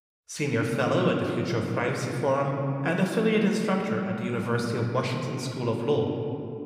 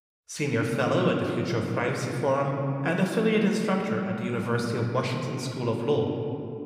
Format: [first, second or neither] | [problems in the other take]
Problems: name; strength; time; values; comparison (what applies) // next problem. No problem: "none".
neither | room echo; noticeable; dies away in 2.4 s; the same in both